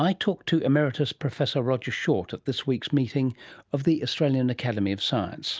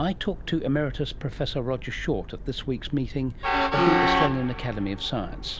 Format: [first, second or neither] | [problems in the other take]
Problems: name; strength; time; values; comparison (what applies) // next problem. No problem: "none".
first | background sound (Train + Piano); as loud as the speech